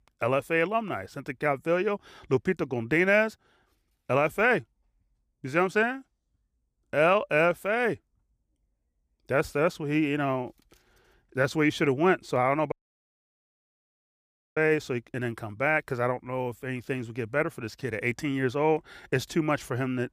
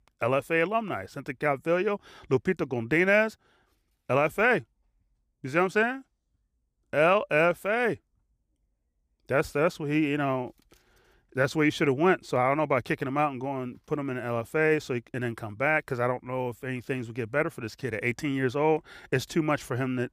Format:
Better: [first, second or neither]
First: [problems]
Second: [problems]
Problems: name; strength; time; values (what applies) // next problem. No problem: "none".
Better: second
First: audio cutting out; at 13 s for 2 s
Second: none